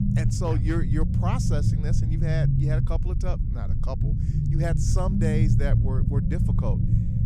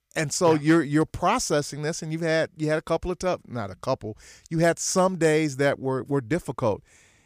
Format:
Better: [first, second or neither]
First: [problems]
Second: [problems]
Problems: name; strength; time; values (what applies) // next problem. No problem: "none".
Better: second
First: low rumble; loud; throughout; 1 dB below the speech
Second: none